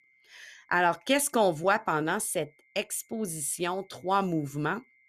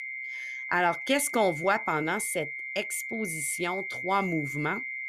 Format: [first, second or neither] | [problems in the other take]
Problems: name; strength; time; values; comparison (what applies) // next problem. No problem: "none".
first | high-pitched whine; loud; throughout; 2 kHz, 5 dB below the speech; faint in the first